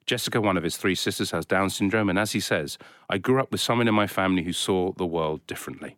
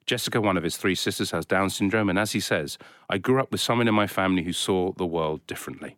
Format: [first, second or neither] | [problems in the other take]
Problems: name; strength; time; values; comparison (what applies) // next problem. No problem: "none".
neither | none